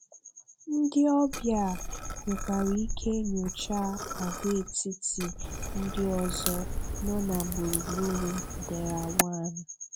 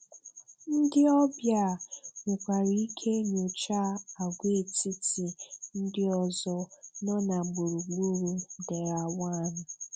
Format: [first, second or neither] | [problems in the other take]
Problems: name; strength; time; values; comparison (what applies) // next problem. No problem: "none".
second | background sound (Crack + Liquid); 4 dB below the speech